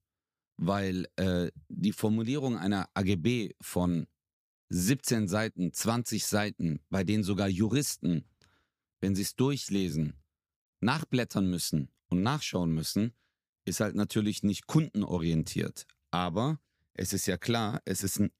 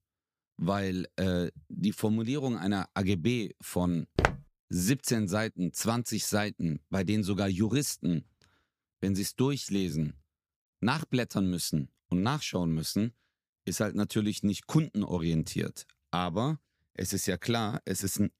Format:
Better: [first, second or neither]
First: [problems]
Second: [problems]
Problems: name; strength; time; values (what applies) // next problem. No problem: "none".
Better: first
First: none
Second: footsteps; loud; at 4 s; peak 2 dB above the speech